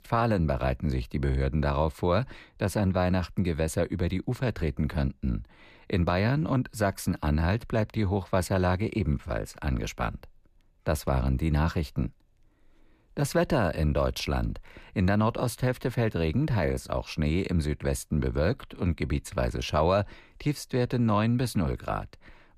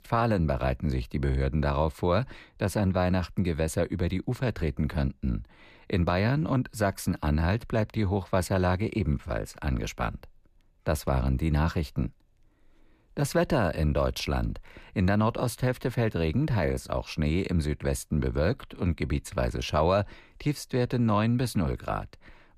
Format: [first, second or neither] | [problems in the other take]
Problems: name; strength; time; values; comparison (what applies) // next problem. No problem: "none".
neither | none